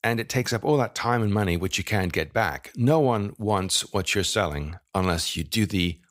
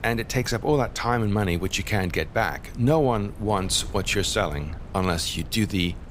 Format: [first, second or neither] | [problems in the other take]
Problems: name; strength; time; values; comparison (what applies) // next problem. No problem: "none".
first | wind noise on the microphone; occasional gusts; 20 dB below the speech